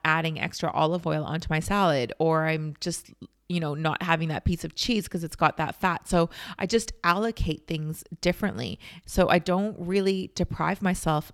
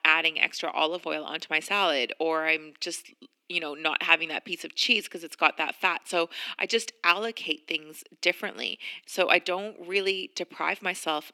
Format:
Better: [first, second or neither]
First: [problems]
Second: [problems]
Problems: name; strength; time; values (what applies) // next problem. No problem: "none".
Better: first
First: none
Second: thin; somewhat; fading below 250 Hz